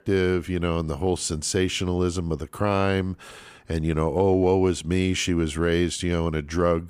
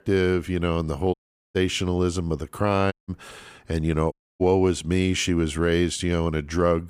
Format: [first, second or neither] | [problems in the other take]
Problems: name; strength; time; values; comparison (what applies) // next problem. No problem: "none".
first | audio cutting out; at 1 s, at 3 s and at 4 s